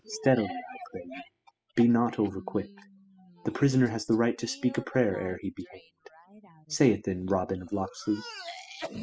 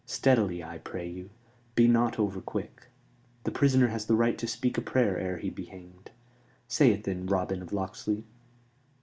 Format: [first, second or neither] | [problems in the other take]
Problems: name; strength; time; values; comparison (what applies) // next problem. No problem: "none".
second | noise reduction (classical method spectral subtraction)